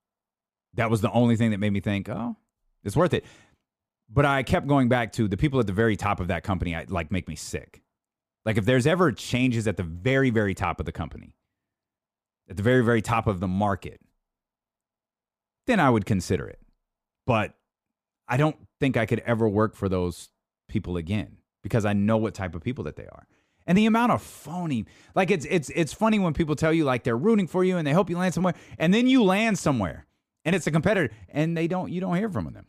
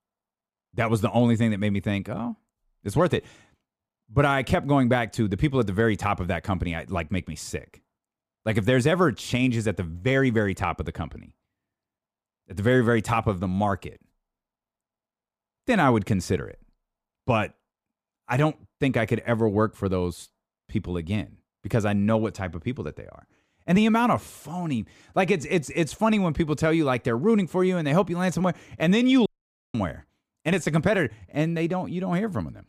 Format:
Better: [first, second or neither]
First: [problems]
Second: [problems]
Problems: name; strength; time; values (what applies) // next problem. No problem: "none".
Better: first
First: none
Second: audio cutting out; at 29 s